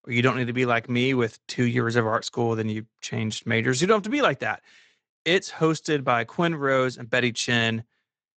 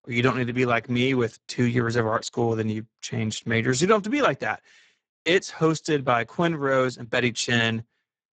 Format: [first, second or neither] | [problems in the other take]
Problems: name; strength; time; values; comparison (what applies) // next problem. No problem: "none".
first | garbled, watery; badly; nothing above 8 kHz; slightly in the first